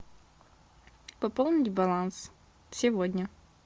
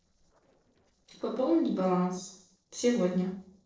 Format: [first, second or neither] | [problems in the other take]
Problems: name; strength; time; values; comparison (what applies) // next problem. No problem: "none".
first | noise reduction (neural separator model SepFormer DNS4)